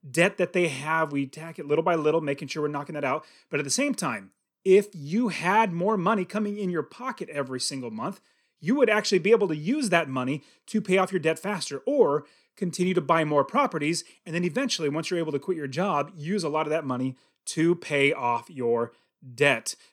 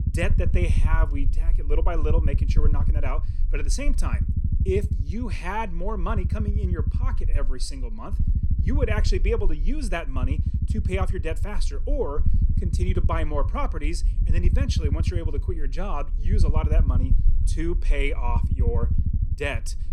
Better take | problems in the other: first | low rumble; loud; throughout; 10 dB below the speech

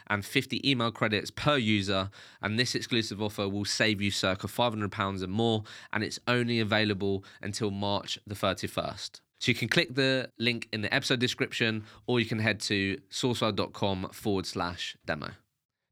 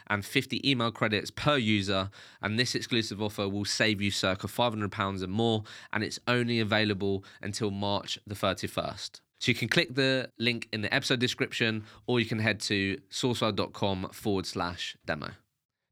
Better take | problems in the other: neither | none

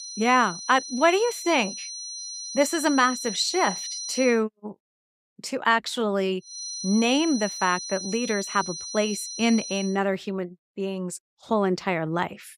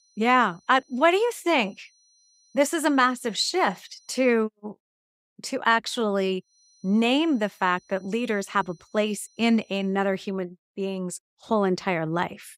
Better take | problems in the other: second | high-pitched whine; loud; until 4.5 s and from 6.5 to 10 s; 6 kHz, 8 dB below the speech; faint in the second

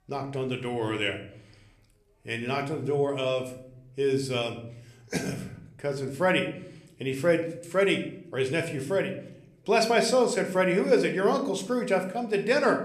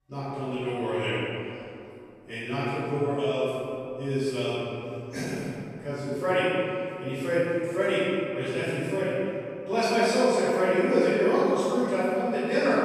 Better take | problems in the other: first | room echo; strong; dies away in 2.6 s; slight in the first // off-mic speech; far

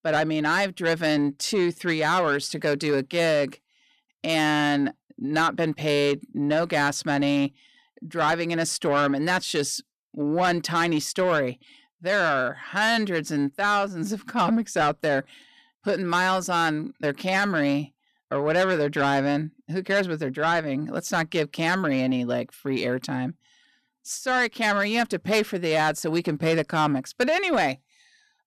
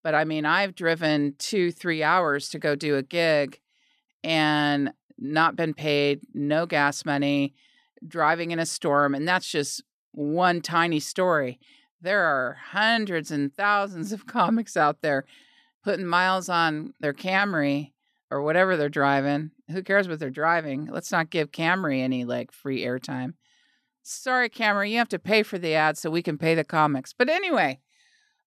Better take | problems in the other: second | distortion; slight; 10 dB below the speech

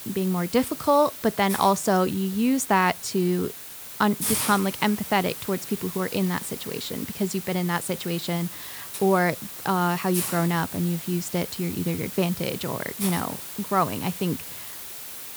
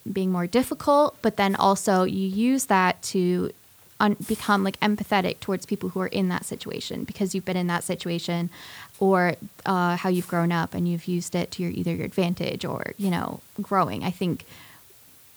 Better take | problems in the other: second | hiss; loud; throughout; 7 dB below the speech; faint in the second

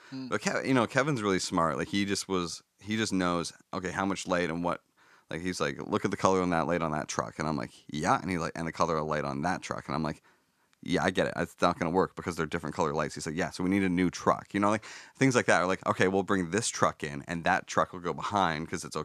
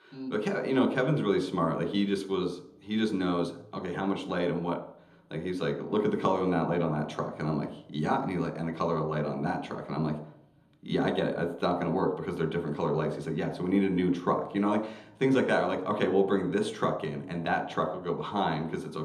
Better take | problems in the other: first | room echo; slight; dies away in 0.8 s

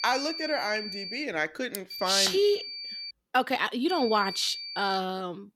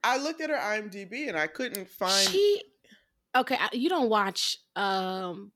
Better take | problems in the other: second | high-pitched whine; loud; until 1 s, from 2 to 3 s and from 4 to 5 s; 4.5 kHz, 8 dB below the speech

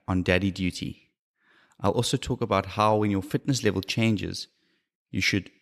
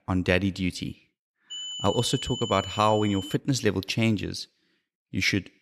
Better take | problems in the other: first | high-pitched whine; loud; from 1.5 to 3.5 s; 3 kHz, 9 dB below the speech

